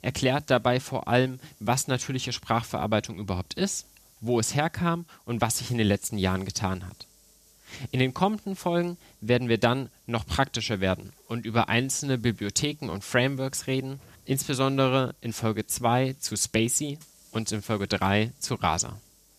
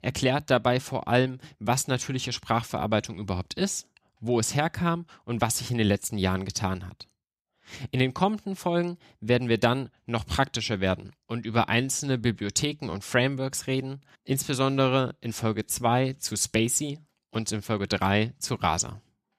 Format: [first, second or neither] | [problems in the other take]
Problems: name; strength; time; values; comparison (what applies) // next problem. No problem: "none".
second | hiss; faint; throughout; 30 dB below the speech